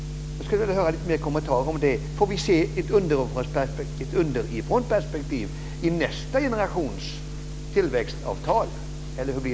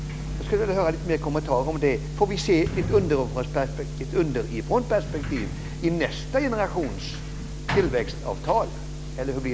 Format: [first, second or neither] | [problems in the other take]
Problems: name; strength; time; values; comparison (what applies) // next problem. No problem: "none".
first | background sound (Sliding door); 13 dB below the speech